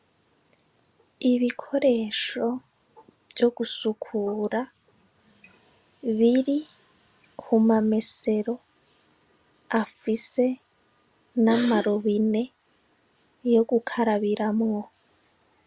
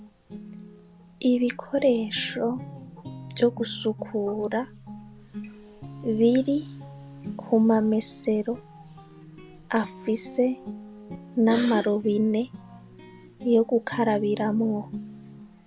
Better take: first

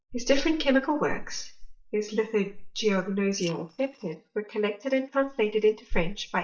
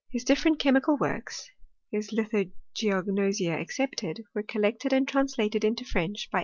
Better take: second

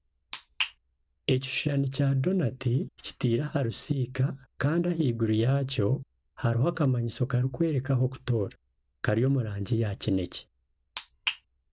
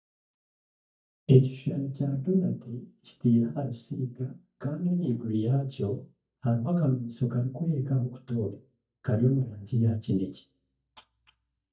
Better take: first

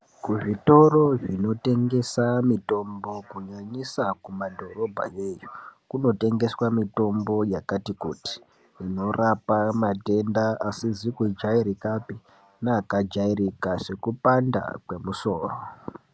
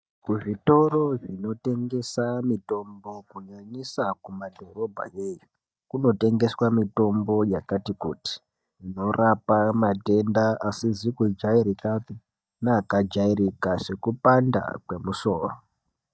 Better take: first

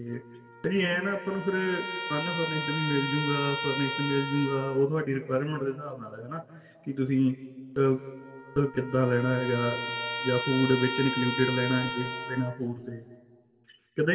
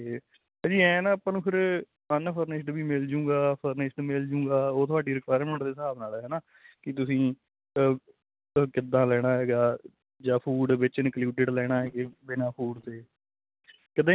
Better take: second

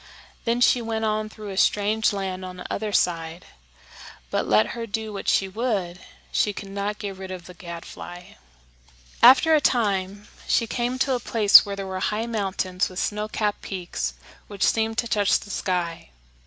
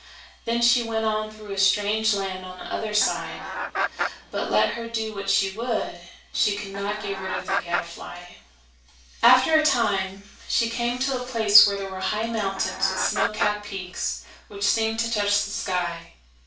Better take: first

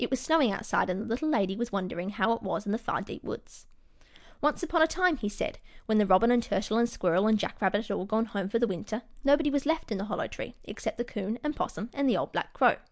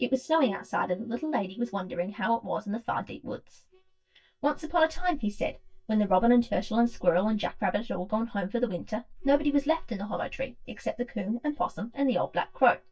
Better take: first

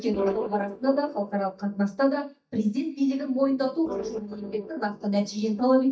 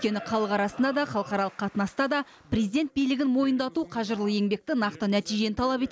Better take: second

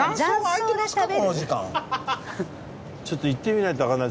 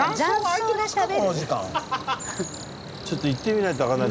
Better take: first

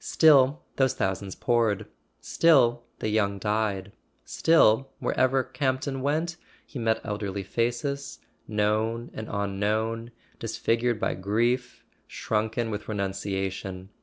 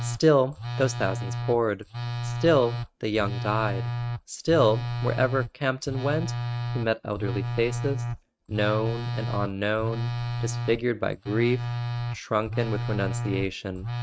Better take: first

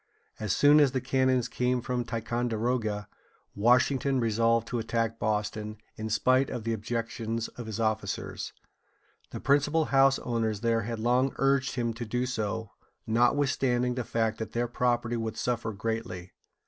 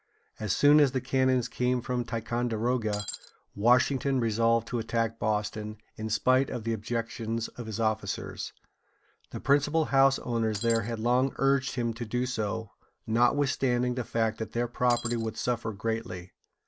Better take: first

